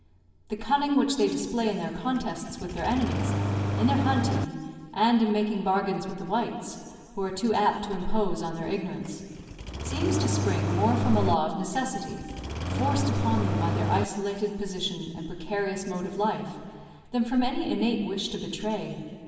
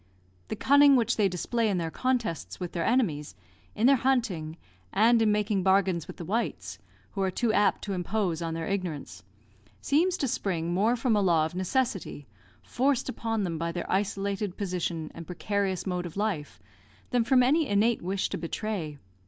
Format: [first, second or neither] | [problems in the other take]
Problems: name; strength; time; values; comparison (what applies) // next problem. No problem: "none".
second | background sound (Engine starting); 1 dB below the speech // room echo; dies away in 1.9 s